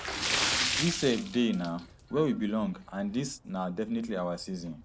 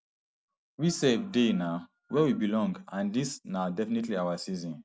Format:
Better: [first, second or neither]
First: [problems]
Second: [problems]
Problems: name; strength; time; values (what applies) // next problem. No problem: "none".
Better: second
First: background sound (Splash, splatter); 4 dB below the speech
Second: none